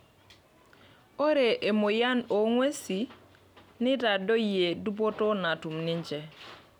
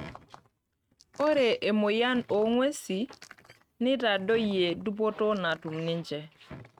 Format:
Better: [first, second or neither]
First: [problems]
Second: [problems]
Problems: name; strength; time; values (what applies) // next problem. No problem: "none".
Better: first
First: none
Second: noise reduction (neural mask model RNNoise)